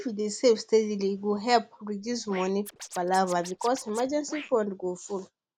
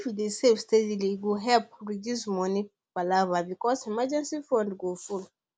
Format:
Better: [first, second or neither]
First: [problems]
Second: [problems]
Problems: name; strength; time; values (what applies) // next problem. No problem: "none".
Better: second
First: background sound (Scratching (performance technique)); 17 dB below the speech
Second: none